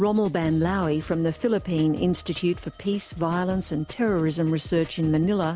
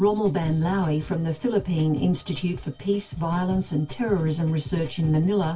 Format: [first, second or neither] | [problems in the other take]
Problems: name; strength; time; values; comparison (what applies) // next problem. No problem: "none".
first | room echo; dies away in 0.1 s